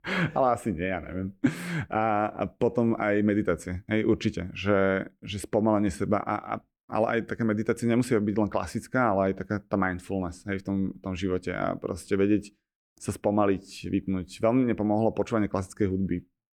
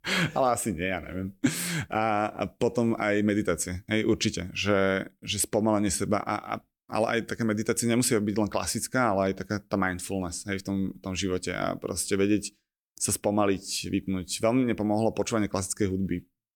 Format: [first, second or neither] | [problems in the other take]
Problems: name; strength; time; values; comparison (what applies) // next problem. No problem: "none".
second | muffled; slightly; fading above 3 kHz